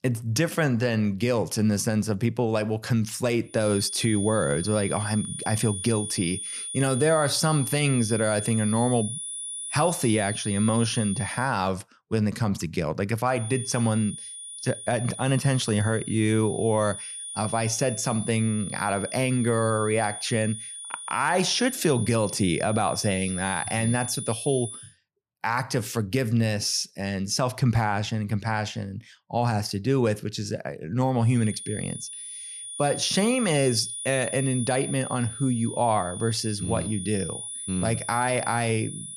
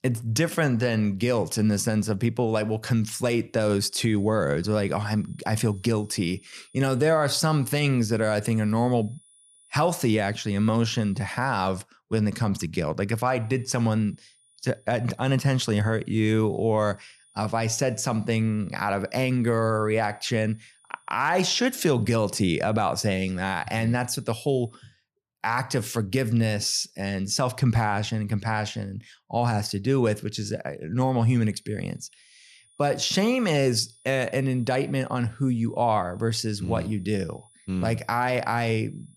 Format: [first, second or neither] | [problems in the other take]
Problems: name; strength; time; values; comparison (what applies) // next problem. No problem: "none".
second | high-pitched whine; loud; from 3.5 to 11 s, from 13 to 25 s and from 31 s on; 9.5 kHz, 8 dB below the speech; faint in the second